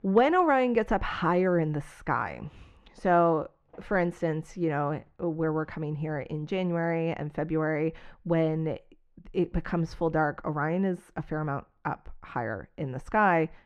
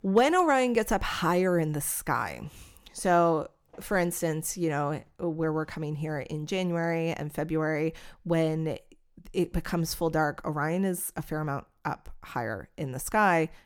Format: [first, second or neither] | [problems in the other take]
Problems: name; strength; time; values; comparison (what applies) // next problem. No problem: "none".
second | muffled; very; fading above 2.5 kHz